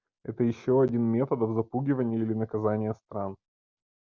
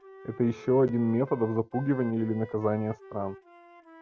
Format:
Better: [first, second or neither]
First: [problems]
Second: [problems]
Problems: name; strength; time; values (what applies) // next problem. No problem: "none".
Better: first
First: none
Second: background sound (Wind instrument, woodwind instrument); 20 dB below the speech